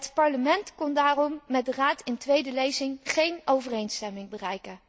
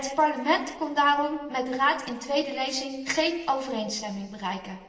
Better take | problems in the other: first | room echo; dies away in 1.2 s

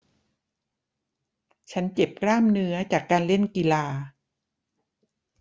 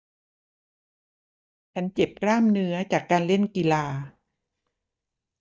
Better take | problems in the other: first | noise reduction (neural mask model DeepFilterNet 3)

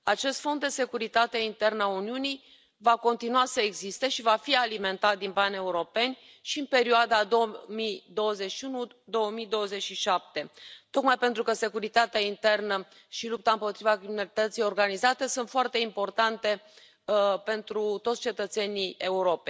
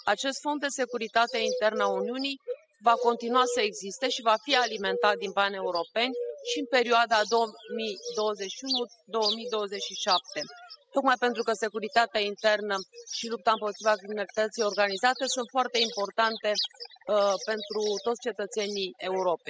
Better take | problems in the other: first | noise reduction (classical method spectral subtraction)

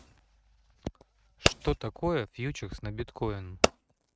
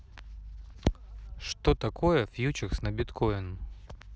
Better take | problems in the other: second | noise reduction (neural mask model RNNoise)

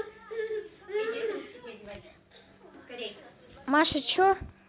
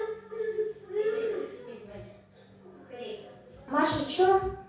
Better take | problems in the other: first | room echo; dies away in 0.6 s

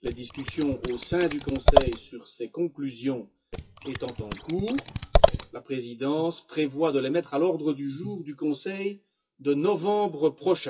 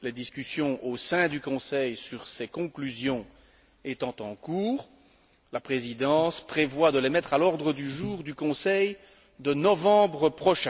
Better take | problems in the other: second | noise reduction (classical method WPE with log-MMSE)

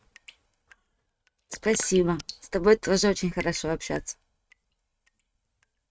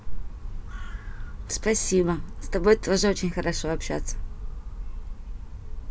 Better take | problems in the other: second | noise reduction (neural mask model RNNoise)

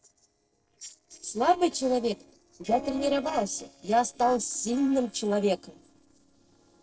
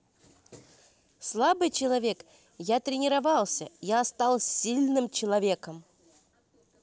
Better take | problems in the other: second | noise reduction (neural separator model SepFormer DNS4)

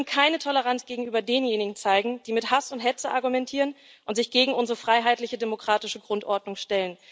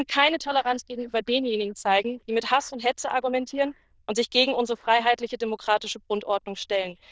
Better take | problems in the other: first | noise reduction (neural diffusion model UNIVERSE++)

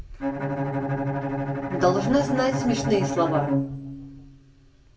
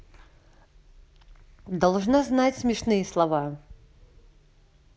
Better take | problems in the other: second | background sound (Bowed string instrument); 1 dB below the speech // room echo; dies away in 0.8 s

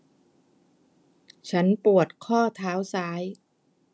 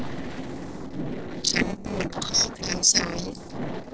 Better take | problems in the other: first | noise reduction (neural separator model SepFormer DNS4)

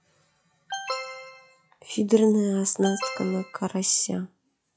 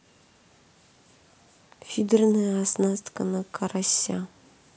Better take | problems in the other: second | noise reduction (classical method log-MMSE)

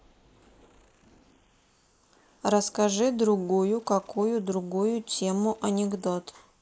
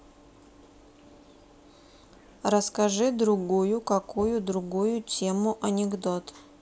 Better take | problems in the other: second | noise reduction (neural mask model Resemble Enhance denoiser)

